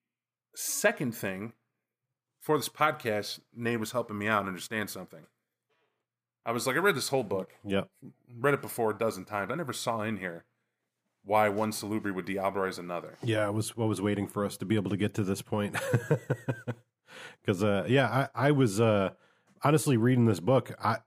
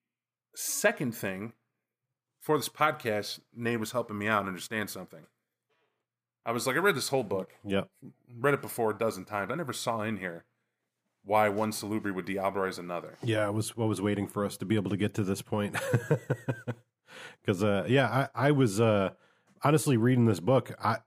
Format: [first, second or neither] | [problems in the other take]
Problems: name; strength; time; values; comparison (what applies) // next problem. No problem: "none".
neither | none